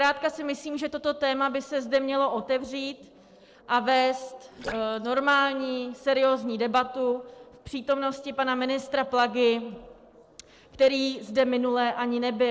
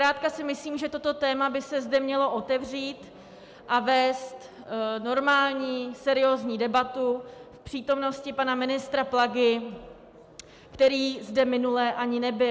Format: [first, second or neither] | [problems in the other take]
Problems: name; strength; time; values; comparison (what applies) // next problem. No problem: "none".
second | noise reduction (neural separator model SepFormer DNS4)